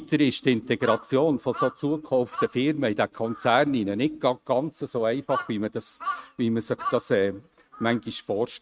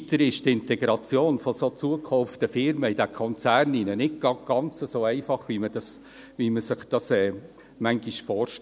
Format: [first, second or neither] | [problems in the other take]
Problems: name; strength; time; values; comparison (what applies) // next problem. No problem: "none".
second | noise reduction (neural mask model RNNoise)